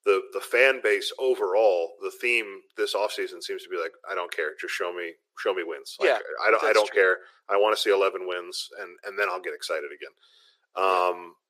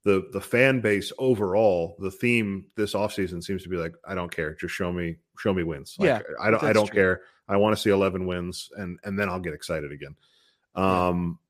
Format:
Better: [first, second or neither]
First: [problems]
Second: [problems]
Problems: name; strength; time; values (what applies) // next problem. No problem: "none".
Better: second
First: thin; very; fading below 400 Hz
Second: none